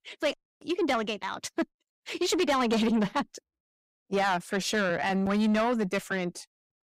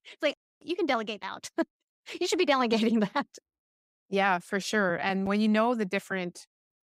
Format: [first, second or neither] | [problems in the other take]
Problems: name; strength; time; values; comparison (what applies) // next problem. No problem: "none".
second | distortion; slight; 10 dB below the speech